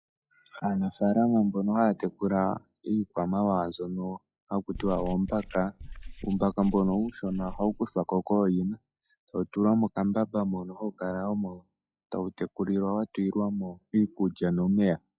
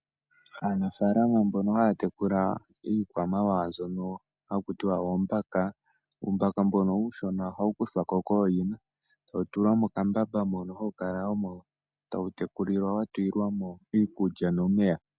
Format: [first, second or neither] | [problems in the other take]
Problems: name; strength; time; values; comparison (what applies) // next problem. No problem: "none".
second | noise reduction (classical method log-MMSE)